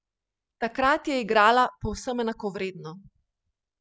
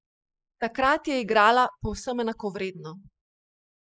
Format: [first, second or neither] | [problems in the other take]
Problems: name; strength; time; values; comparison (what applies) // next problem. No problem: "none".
first | noise reduction (neural mask model Resemble Enhance denoiser)